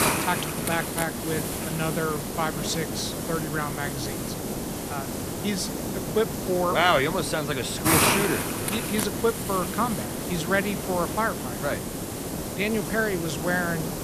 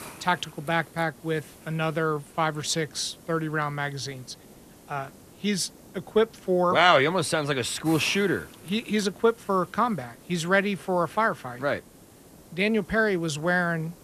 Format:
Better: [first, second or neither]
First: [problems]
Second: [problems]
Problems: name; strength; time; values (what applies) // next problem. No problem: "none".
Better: second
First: hiss; loud; throughout; 1 dB below the speech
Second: hiss; faint; throughout; 20 dB below the speech